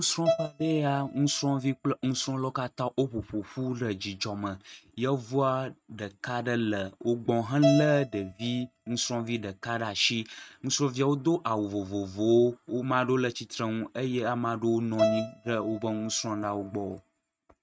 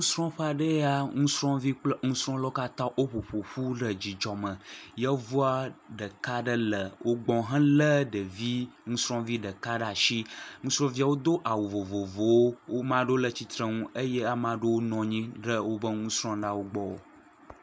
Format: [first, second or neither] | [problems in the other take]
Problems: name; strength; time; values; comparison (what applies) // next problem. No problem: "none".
second | noise reduction (neural mask model RNNoise)